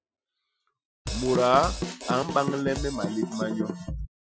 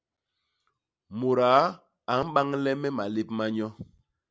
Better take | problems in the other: second | noise reduction (classical method Wiener filter)

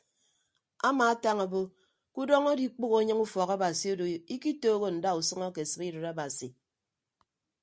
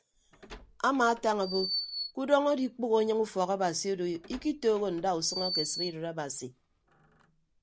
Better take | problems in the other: first | background sound (Door); 11 dB below the speech

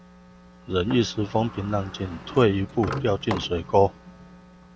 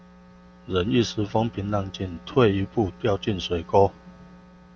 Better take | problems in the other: second | background sound (Sliding door); 14 dB below the speech

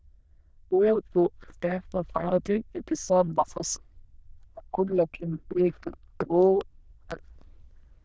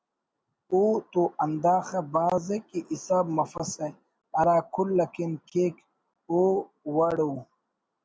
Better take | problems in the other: second | noise reduction (neural diffusion model UNIVERSE++)

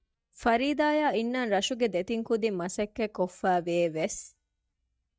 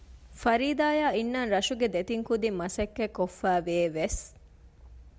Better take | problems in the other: second | noise reduction (neural mask model DeepFilterNet 3)

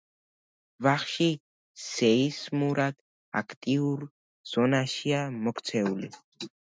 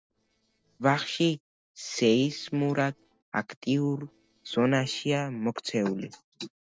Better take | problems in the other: first | noise reduction (neural separator model SepFormer DNS4)

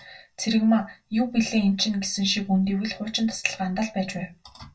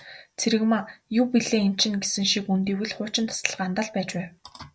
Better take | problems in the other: second | room echo; dies away in 0.1 s

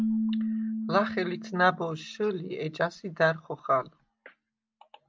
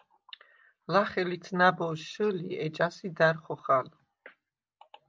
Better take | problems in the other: second | background sound (Keyboard (musical)); 5 dB below the speech

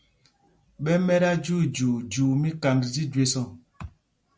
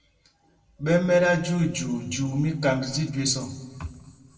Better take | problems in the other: first | room echo; dies away in 1.4 s

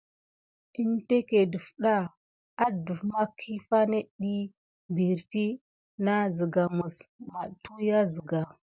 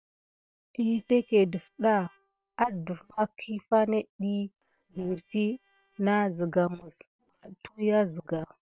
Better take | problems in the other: first | noise reduction (neural separator model SepFormer WHAM!)

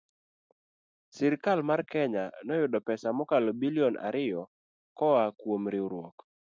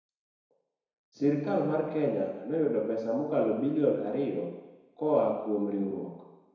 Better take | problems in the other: first | room echo; dies away in 1 s

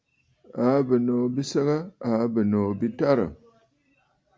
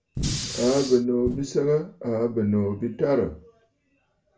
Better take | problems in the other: first | background sound (Fire); 6 dB below the speech // room echo; dies away in 0.3 s

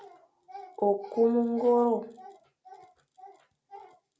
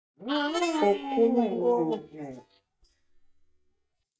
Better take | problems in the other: first | noise reduction (neural mask model DeepFilterNet 3)

